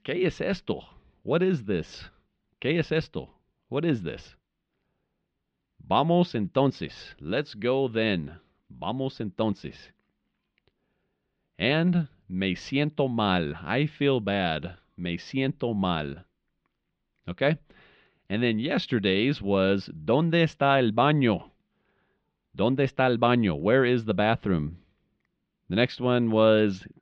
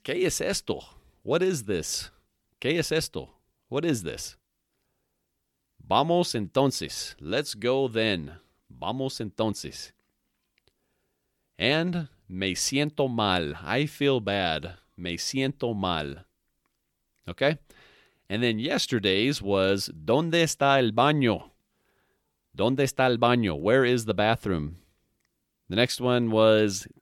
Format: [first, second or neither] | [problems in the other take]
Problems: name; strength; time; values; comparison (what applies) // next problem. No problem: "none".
second | muffled; slightly; fading above 3.5 kHz